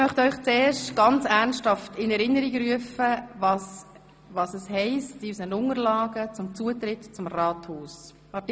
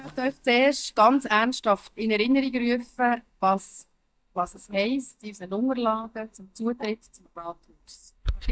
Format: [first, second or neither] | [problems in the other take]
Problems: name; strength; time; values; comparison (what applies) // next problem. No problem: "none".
first | noise reduction (neural mask model DeepFilterNet 3)